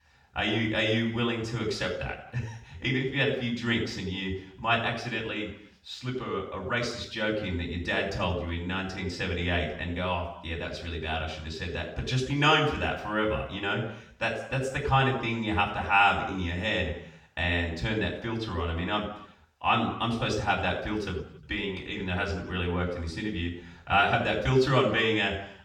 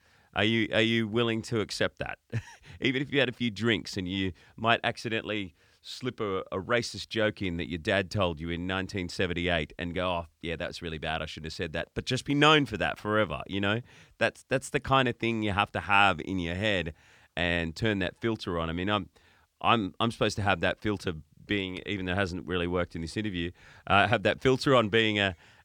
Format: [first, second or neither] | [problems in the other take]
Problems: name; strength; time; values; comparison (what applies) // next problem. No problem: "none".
second | room echo; noticeable; dies away in 0.7 s // off-mic speech; far